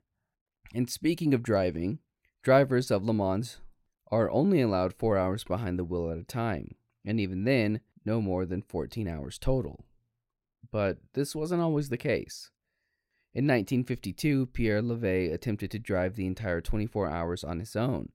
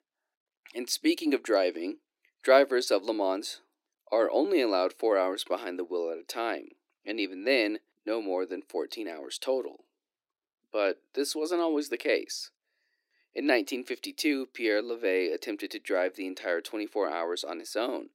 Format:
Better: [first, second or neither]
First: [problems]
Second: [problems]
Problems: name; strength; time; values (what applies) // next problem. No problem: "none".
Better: first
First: none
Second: thin; somewhat; fading below 300 Hz